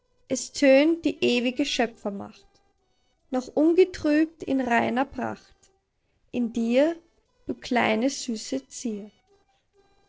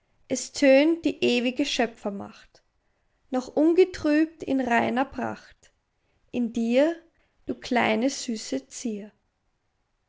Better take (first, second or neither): second